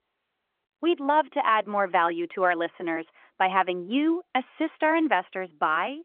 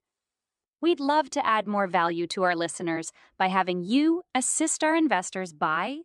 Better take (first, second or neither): second